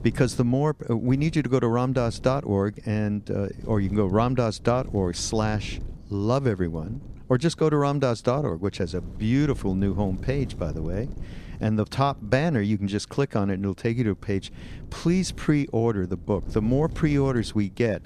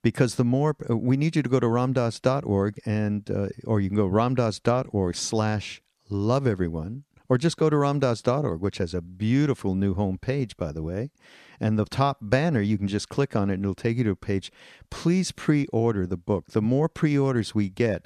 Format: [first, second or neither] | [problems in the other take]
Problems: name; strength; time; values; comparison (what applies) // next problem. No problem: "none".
second | wind noise on the microphone; occasional gusts; 20 dB below the speech